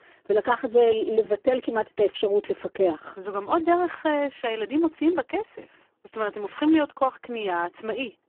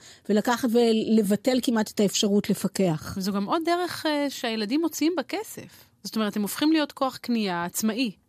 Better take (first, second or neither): second